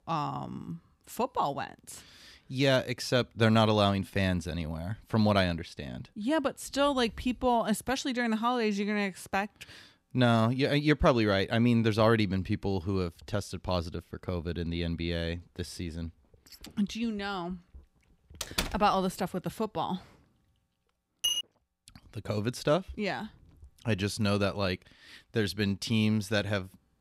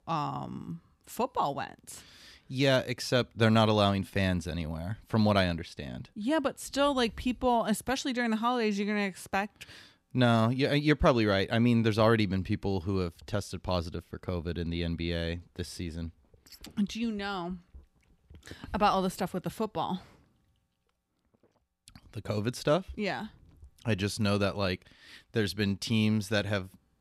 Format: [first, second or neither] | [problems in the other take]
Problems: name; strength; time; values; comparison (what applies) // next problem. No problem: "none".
second | door banging; noticeable; at 18 s; peak 3 dB below the speech // clattering dishes; loud; at 21 s; peak level with the speech